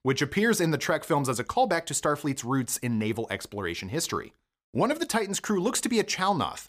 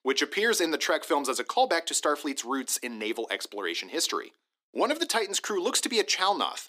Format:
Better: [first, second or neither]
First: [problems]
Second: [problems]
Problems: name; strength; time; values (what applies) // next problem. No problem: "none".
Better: first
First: none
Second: thin; somewhat; fading below 300 Hz